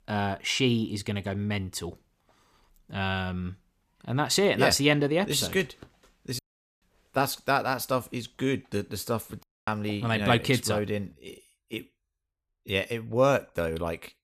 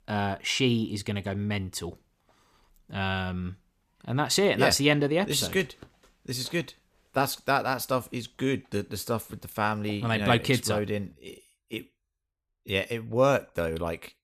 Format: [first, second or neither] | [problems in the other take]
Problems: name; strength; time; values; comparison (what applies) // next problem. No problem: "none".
second | audio cutting out; at 6.5 s and at 9.5 s